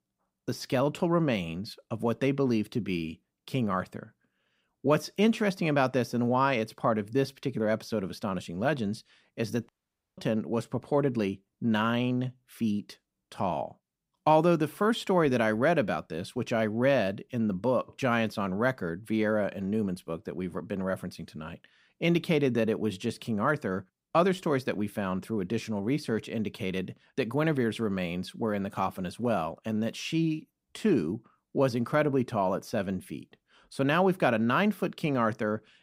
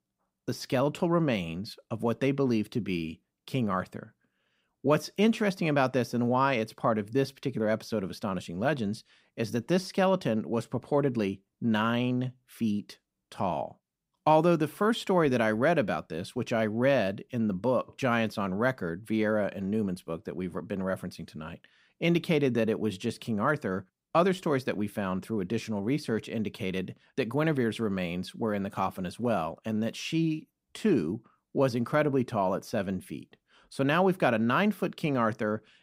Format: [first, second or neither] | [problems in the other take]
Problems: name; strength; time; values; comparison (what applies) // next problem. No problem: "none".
second | audio cutting out; at 9.5 s